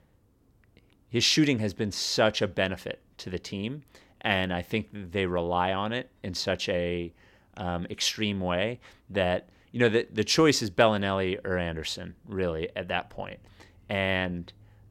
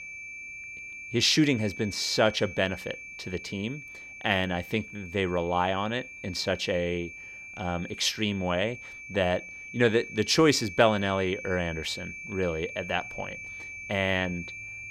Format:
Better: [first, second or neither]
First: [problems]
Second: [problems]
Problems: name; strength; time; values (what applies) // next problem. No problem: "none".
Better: first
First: none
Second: high-pitched whine; noticeable; throughout; 2.5 kHz, 10 dB below the speech